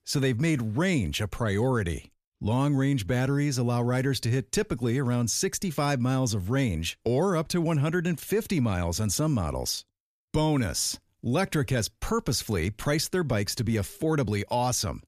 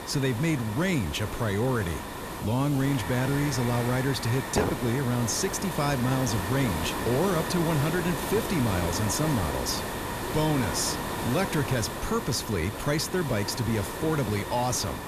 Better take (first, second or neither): first